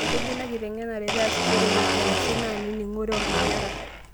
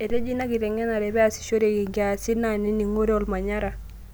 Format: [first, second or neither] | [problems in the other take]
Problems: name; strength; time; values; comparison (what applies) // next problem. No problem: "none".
second | background sound (Domestic sounds, home sounds); 3 dB above the speech